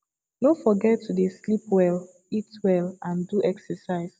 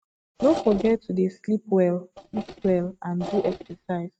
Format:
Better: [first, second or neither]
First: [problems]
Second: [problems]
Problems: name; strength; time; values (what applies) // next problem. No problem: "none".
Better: first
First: none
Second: noise reduction (neural mask model RNNoise)